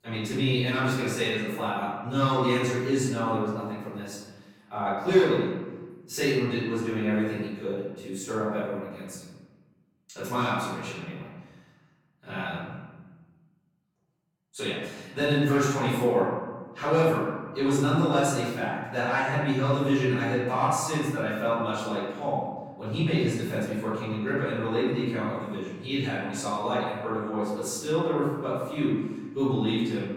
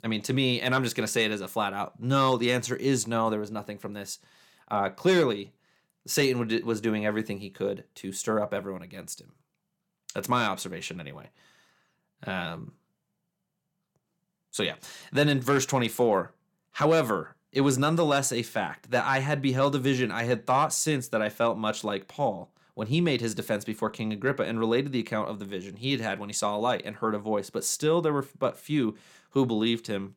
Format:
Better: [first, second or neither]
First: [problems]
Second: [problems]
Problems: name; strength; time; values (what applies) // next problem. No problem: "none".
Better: second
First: off-mic speech; far // room echo; strong; dies away in 1.2 s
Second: none